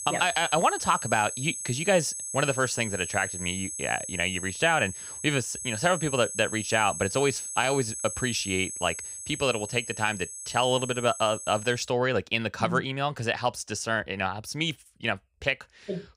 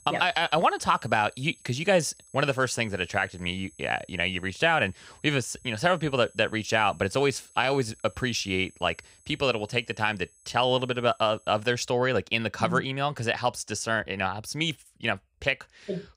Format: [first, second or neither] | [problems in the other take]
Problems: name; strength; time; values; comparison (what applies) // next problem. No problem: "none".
second | high-pitched whine; loud; until 12 s; 8 kHz, 7 dB below the speech; faint in the second